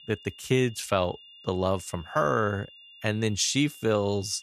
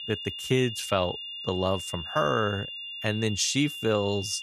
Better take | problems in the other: first | high-pitched whine; loud; throughout; 3 kHz, 7 dB below the speech; faint in the first

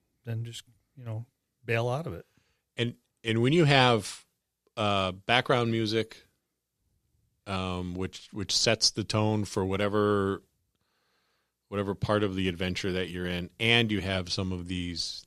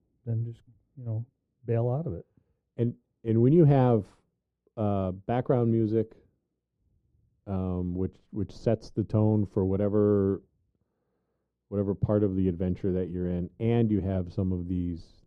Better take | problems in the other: first | muffled; very; fading above 1 kHz

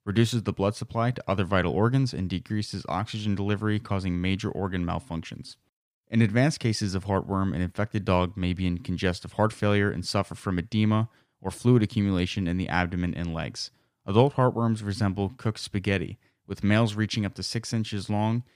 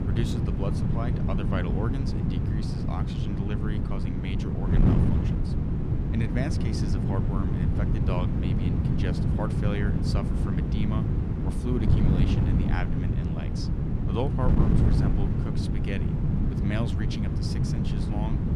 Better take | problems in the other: first | wind noise on the microphone; heavy; 2 dB above the speech

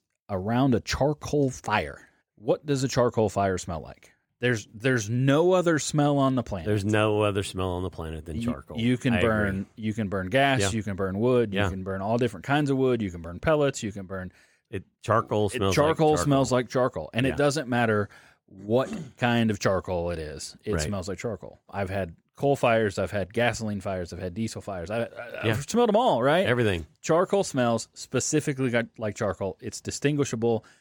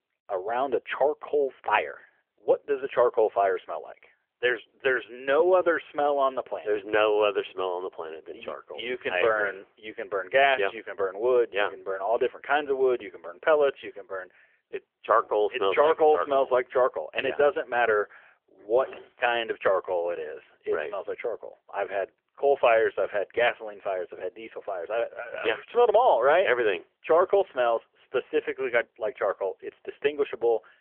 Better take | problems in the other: first | phone-call audio; nothing above 3 kHz

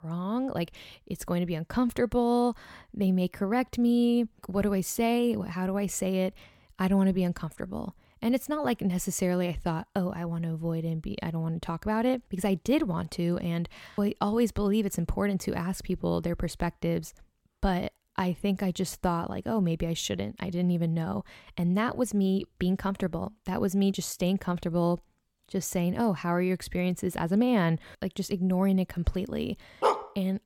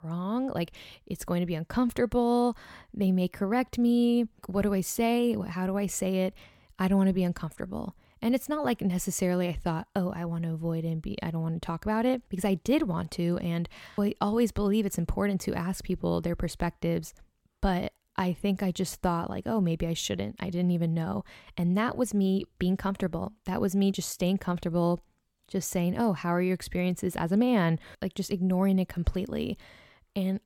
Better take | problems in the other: second | dog barking; loud; at 30 s; peak 1 dB above the speech

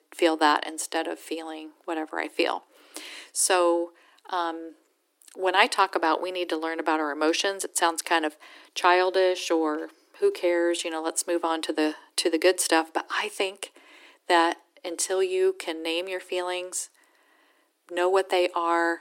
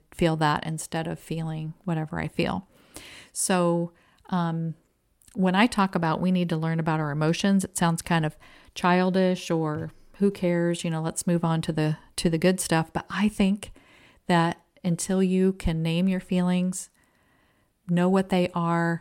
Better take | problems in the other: second | thin; very; fading below 300 Hz

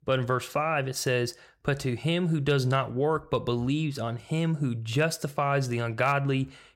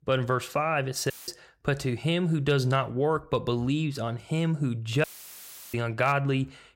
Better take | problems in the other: first | audio cutting out; filled with static; at 1 s and at 5 s for 0.5 s

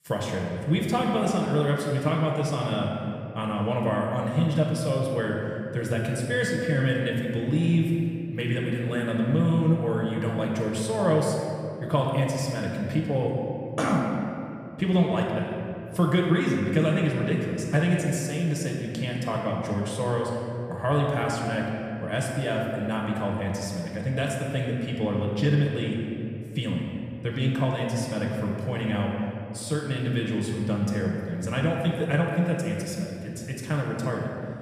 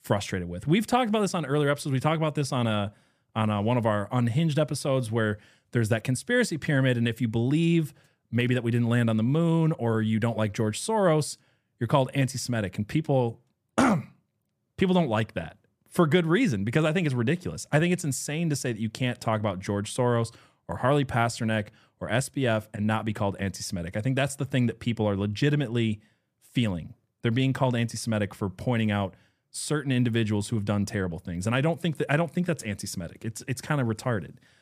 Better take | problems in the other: second | room echo; noticeable; dies away in 2.2 s // off-mic speech; somewhat distant

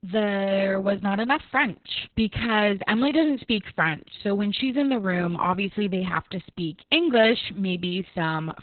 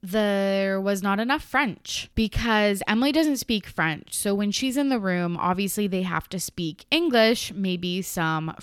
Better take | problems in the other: second | garbled, watery; badly; nothing above 4 kHz

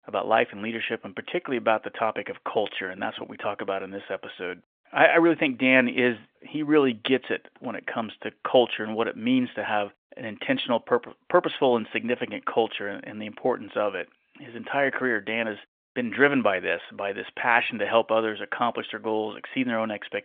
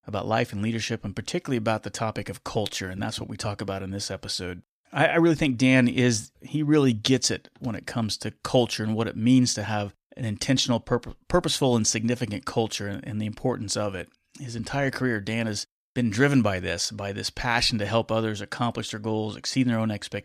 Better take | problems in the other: second | phone-call audio; nothing above 3.5 kHz

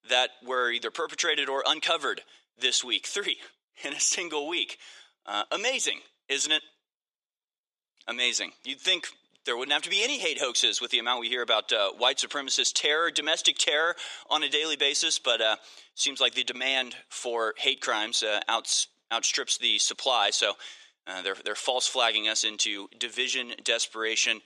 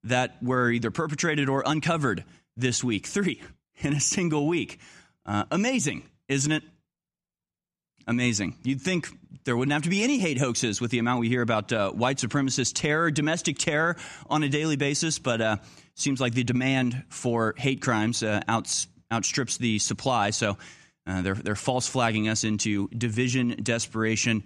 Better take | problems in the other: second | thin; very; fading below 450 Hz

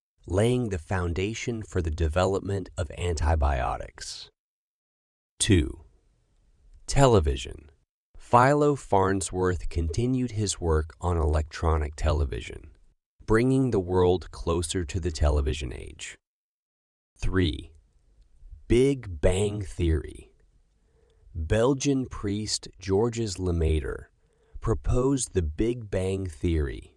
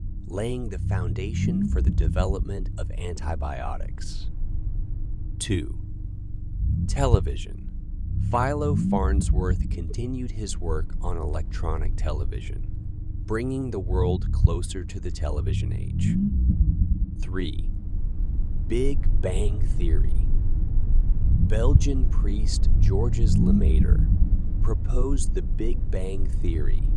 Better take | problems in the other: first | low rumble; loud; throughout; 7 dB below the speech

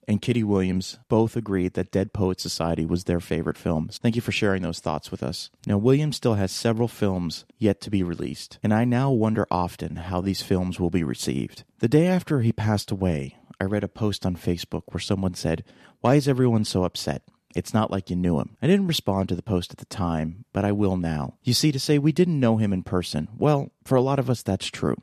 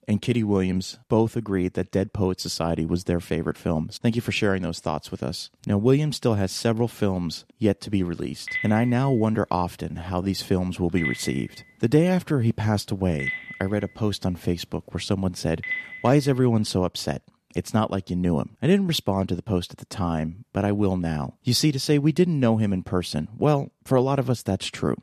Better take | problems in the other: first | phone ringing; noticeable; from 8.5 to 16 s; peak 5 dB below the speech

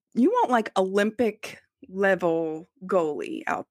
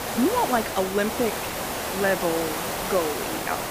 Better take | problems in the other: first | hiss; loud; throughout; 2 dB below the speech

